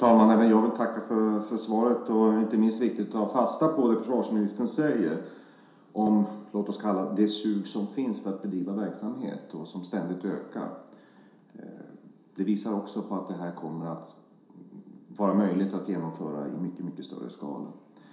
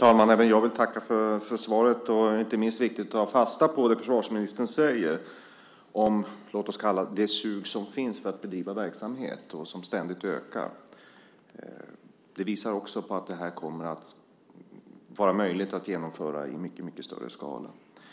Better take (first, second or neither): second